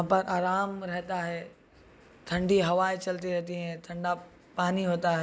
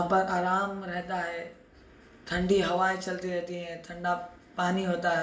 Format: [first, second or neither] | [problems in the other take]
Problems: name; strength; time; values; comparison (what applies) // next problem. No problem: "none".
first | room echo; dies away in 0.5 s